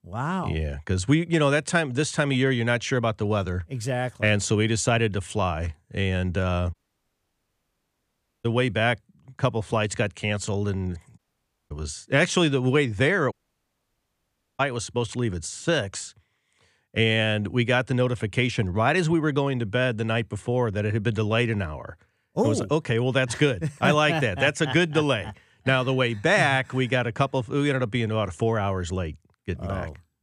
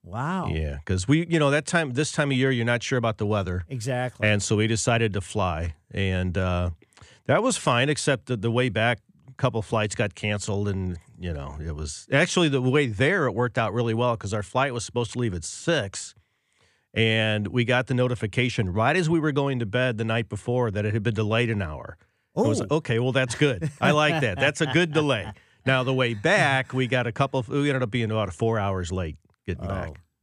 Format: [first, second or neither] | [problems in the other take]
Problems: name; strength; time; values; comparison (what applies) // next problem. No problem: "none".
second | audio cutting out; at 6.5 s for 1.5 s, at 11 s for 0.5 s and at 13 s for 1.5 s